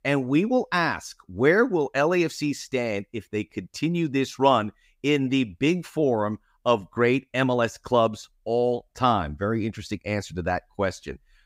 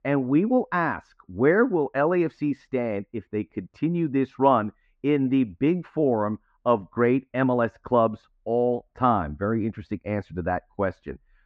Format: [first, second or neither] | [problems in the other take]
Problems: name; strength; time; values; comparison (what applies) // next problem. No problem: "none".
first | muffled; very; fading above 1.5 kHz